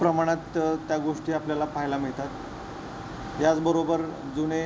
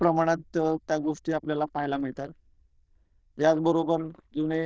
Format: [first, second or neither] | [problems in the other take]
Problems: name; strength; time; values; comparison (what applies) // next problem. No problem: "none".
first | noise reduction (neural diffusion model UNIVERSE++)